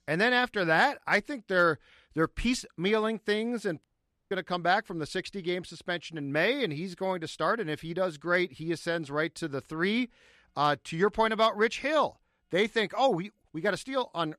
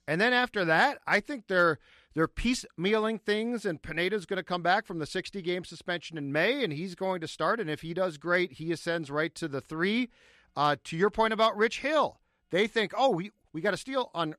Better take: second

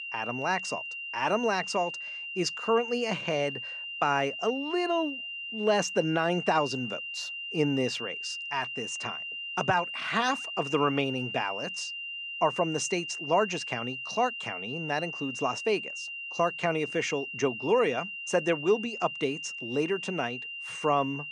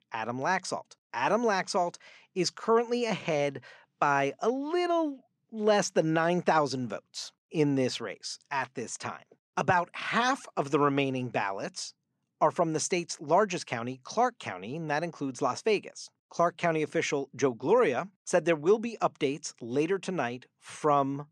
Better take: second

